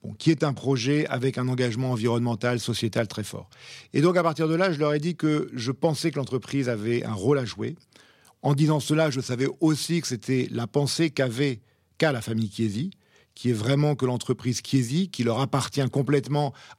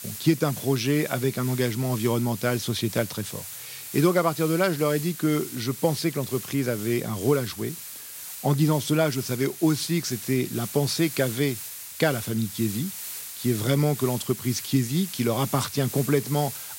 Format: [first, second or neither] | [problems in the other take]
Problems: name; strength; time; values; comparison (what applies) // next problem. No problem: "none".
first | hiss; loud; throughout; 10 dB below the speech